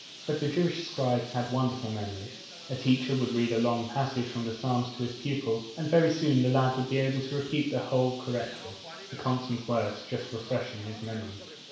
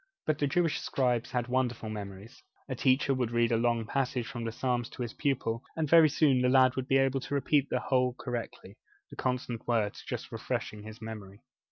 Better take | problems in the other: second | background sound (Bird); 16 dB below the speech // room echo; dies away in 0.7 s

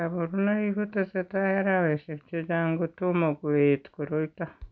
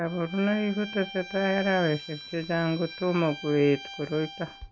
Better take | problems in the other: first | background sound (Bowed string instrument); 14 dB below the speech

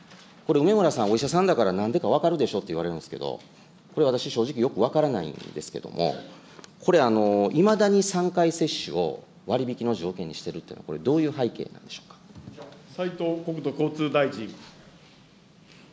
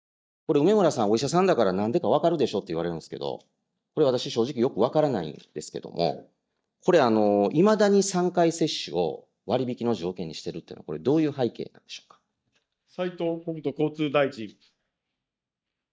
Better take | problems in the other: first | noise reduction (neural mask model DeepFilterNet 3)

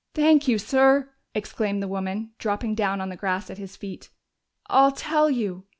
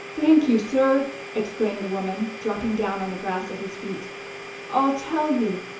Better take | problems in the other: first | background sound (Domestic sounds, home sounds); 12 dB below the speech // room echo; dies away in 0.7 s

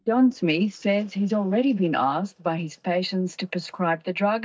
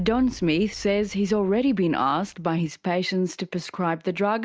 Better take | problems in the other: second | noise reduction (neural mask model DeepFilterNet 3)

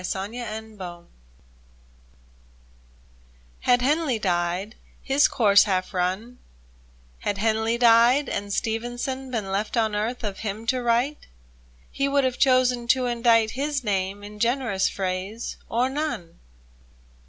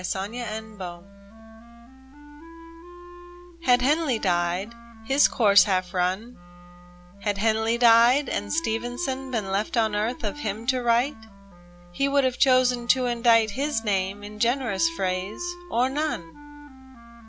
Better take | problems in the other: first | background sound (Wind instrument, woodwind instrument); 17 dB below the speech

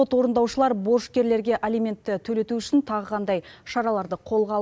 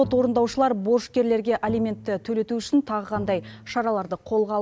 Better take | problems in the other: first | background sound (Bowed string instrument); 18 dB below the speech

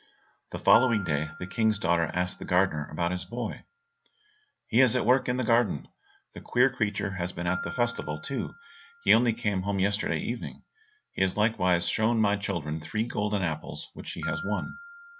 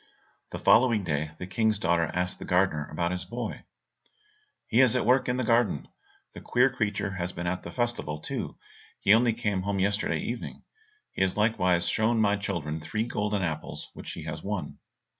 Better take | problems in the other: second | background sound (Piano); 17 dB below the speech

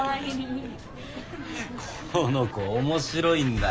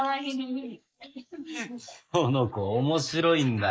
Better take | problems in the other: first | noise reduction (neural mask model Resemble Enhance denoiser)

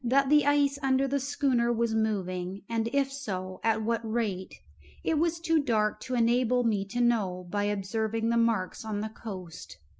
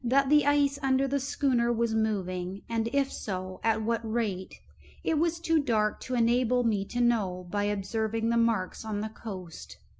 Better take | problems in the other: second | noise reduction (neural mask model Resemble Enhance denoiser)

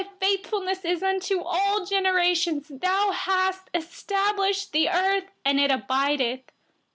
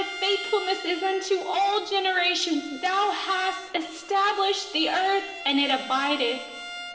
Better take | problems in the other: first | background sound (Bowed string instrument); 13 dB below the speech // room echo; dies away in 2.5 s

